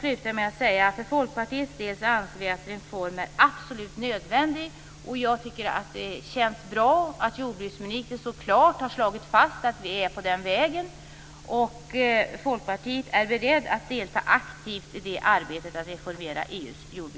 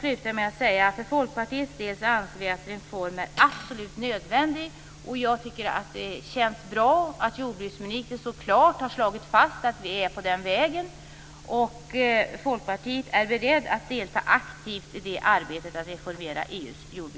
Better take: first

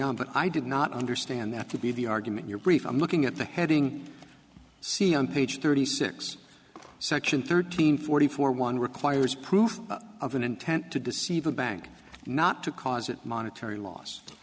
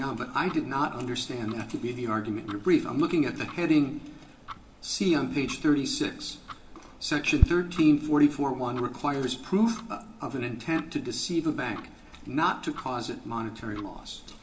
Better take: first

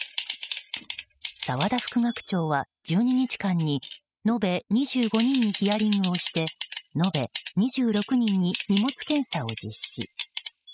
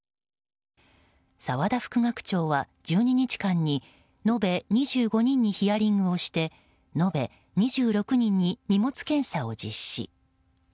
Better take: second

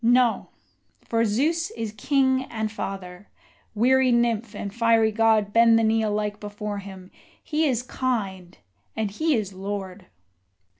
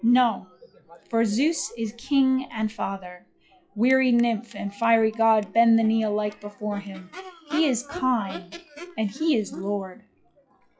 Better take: first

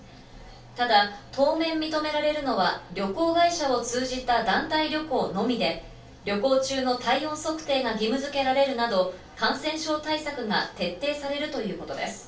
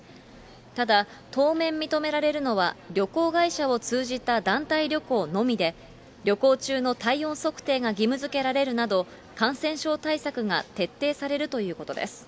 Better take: second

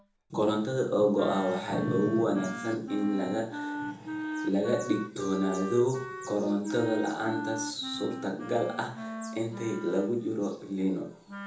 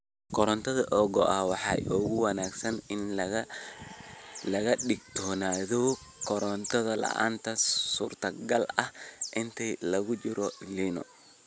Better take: second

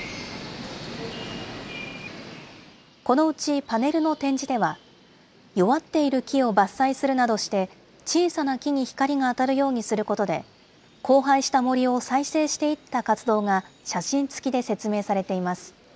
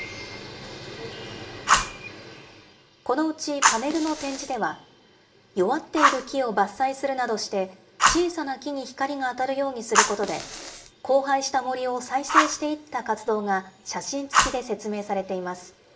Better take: first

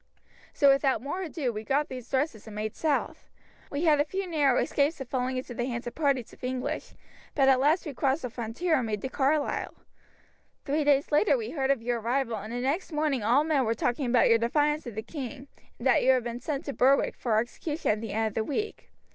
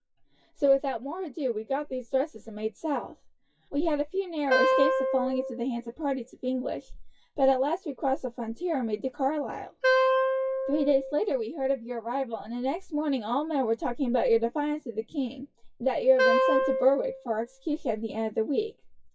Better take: first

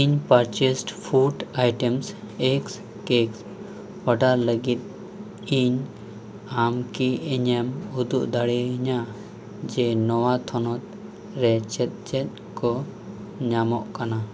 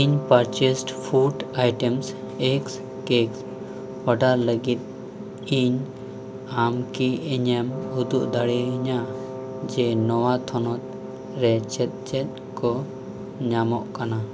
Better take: first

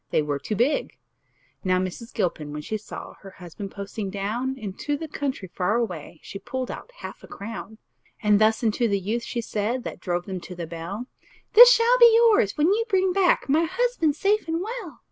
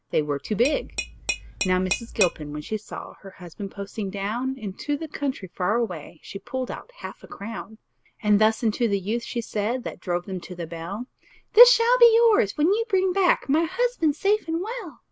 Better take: first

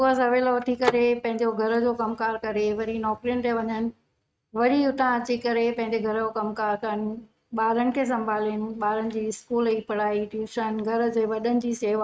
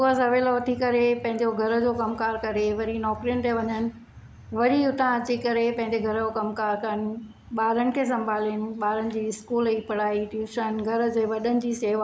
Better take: second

